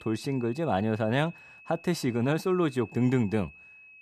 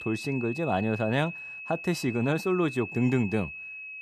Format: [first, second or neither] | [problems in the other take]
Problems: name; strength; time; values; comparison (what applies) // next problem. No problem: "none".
first | high-pitched whine; loud; throughout; 2.5 kHz, 9 dB below the speech; faint in the first